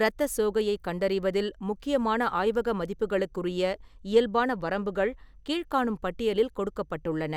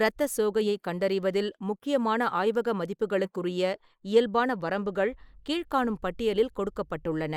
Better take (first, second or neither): first